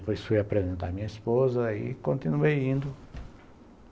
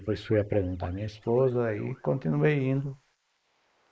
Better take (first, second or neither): first